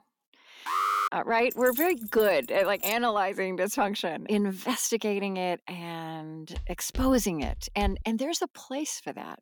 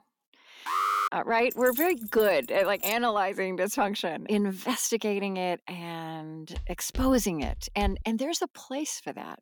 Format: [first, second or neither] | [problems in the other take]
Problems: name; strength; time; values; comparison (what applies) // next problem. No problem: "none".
neither | alarm; loud; at 0.5 s; peak 2 dB above the speech; the same in both // jangling keys; noticeable; from 1.5 to 3 s; peak 4 dB below the speech; the same in both // footsteps; noticeable; from 6.5 to 8 s; peak 8 dB below the speech; the same in both